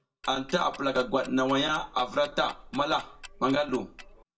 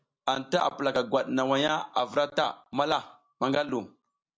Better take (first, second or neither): second